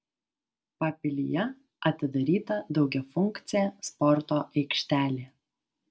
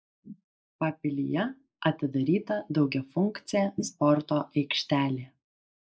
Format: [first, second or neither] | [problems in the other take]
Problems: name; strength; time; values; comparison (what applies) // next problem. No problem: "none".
first | noise reduction (neural mask model Resemble Enhance denoiser)